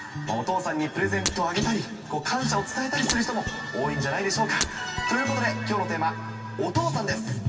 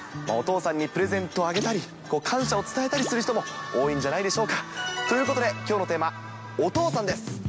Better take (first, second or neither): second